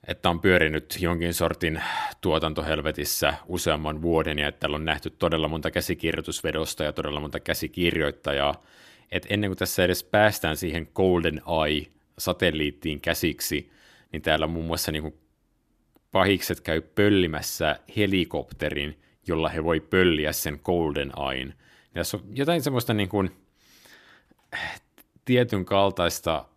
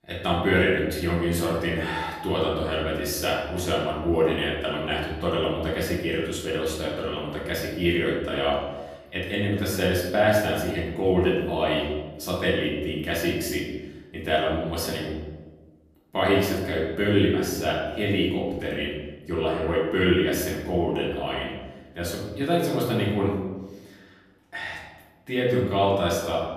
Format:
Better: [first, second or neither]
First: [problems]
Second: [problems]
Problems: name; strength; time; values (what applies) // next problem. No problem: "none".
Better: first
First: none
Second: room echo; noticeable; dies away in 1.1 s // off-mic speech; far